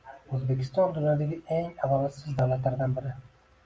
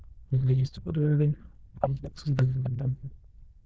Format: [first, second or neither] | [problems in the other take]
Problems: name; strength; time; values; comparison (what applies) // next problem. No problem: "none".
first | noise reduction (neural diffusion model UNIVERSE++)